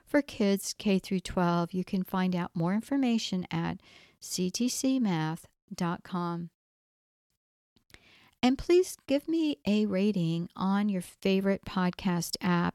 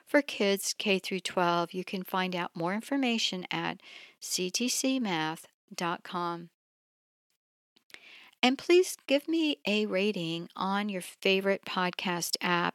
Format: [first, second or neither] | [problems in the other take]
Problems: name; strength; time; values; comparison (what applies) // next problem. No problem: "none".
first | thin; somewhat; fading below 300 Hz